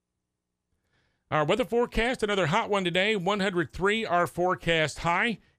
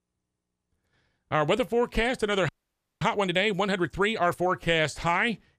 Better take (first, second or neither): first